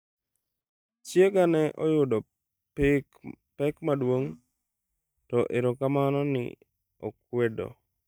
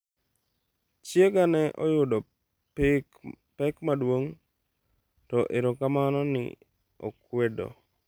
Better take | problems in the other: second | noise reduction (neural mask model DeepFilterNet 3)

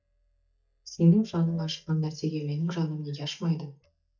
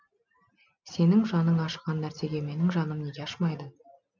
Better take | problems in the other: second | noise reduction (neural mask model DeepFilterNet 3)

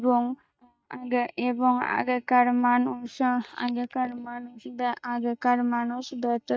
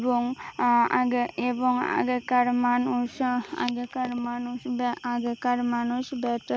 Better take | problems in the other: second | noise reduction (neural mask model DeepFilterNet 3)

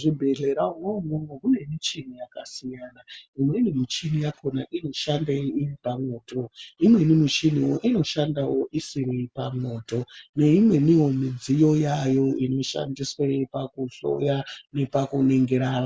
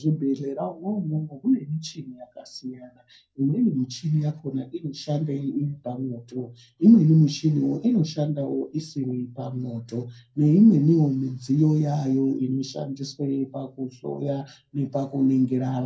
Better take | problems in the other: first | room echo; dies away in 0.2 s

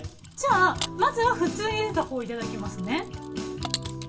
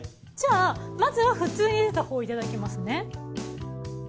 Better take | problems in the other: second | background sound (Mechanisms); 14 dB below the speech // room echo; dies away in 0.2 s

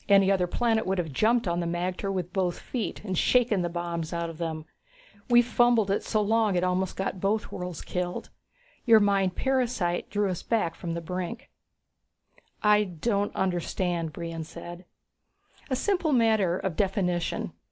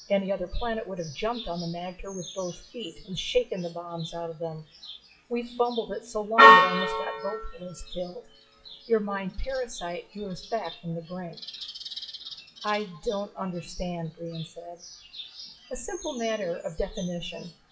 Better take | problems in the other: first | noise reduction (classical method WPE with log-MMSE)

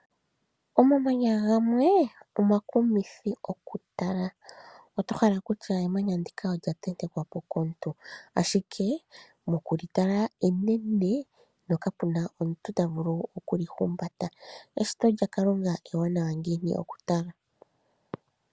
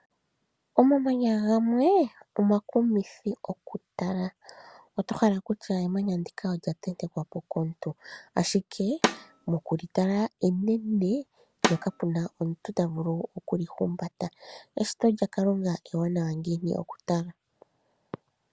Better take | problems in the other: first | background sound (Snare drum); 5 dB below the speech

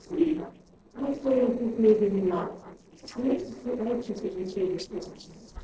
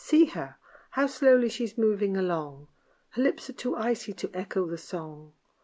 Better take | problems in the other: second | noise reduction (neural separator model SepFormer DNS4)

